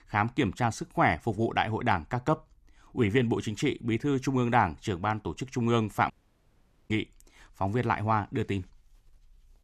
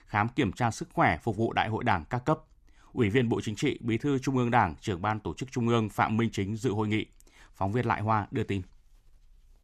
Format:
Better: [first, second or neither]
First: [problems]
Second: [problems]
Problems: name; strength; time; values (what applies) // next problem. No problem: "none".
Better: second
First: audio cutting out; at 6 s for 1 s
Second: none